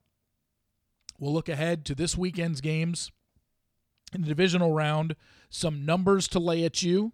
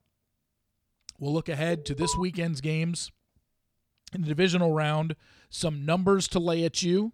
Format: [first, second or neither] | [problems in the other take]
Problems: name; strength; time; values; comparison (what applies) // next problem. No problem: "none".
first | alarm; noticeable; at 1.5 s; peak 8 dB below the speech